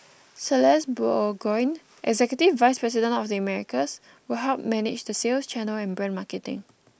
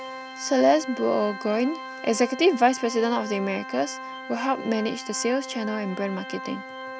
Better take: first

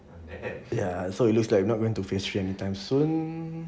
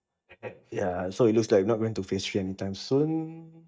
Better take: first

